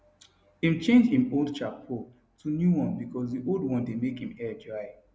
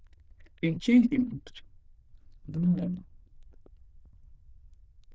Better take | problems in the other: first | noise reduction (neural diffusion model UNIVERSE++)

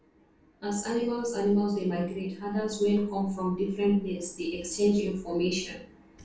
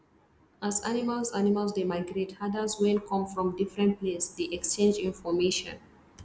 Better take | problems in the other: second | room echo; dies away in 0.3 s

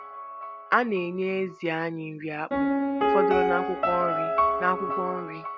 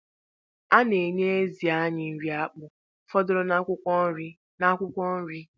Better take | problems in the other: second | background sound (Piano); 2 dB above the speech

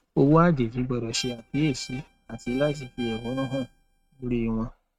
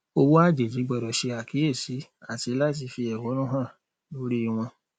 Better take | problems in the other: second | noise reduction (neural mask model RNNoise)

